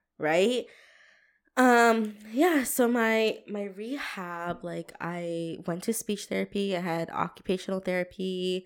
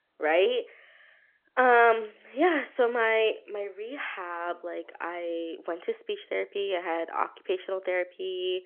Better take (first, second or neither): first